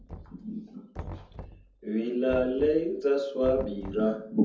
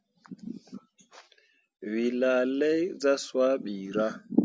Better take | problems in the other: second | background sound (Knock); 15 dB below the speech // room echo; dies away in 0.7 s

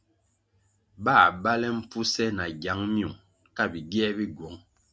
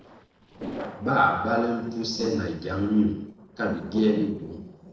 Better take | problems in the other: first | noise reduction (neural separator model SepFormer DNS4)

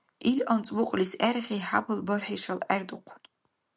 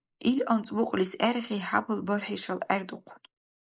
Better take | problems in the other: first | noise reduction (neural mask model Resemble Enhance denoiser)

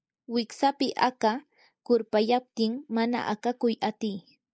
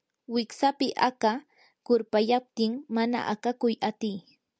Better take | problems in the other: second | noise reduction (neural mask model Resemble Enhance denoiser)

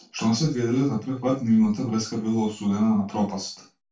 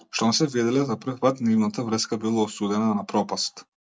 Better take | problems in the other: second | room echo; dies away in 0.2 s

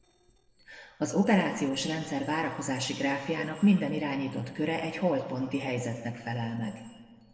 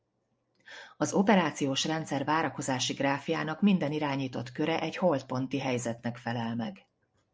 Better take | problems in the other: second | noise reduction (neural separator model SepFormer DNS4)

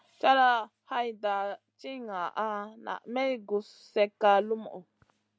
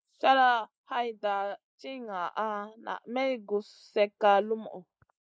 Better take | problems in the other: first | noise reduction (neural mask model Resemble Enhance denoiser)

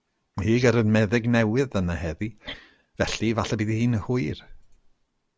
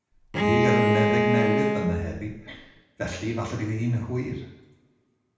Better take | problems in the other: first | background sound (Bowed string instrument); 4 dB above the speech // room echo; dies away in 0.8 s

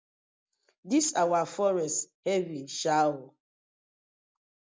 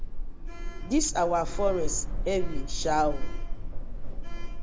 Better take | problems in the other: first | background sound (Sliding door); 2 dB above the speech

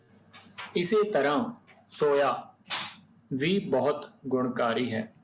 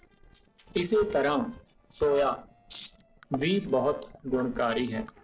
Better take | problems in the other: first | noise reduction (neural separator model SepFormer DNS4)

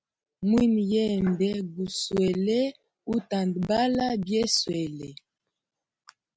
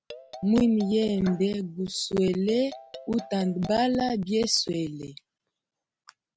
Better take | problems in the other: first | background sound (Marimba, xylophone); 18 dB below the speech

